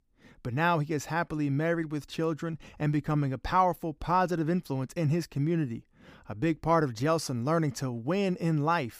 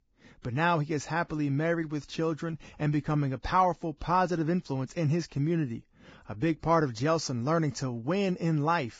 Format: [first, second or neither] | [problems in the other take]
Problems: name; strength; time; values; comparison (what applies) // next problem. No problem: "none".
first | garbled, watery; badly; nothing above 7.5 kHz